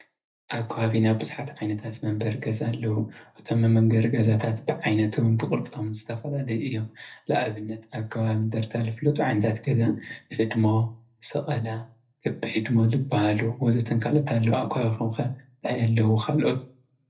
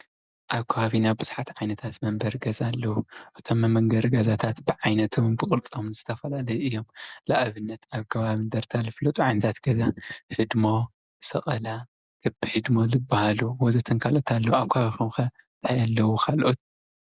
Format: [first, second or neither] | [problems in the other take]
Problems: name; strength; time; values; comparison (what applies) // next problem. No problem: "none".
second | room echo; dies away in 0.3 s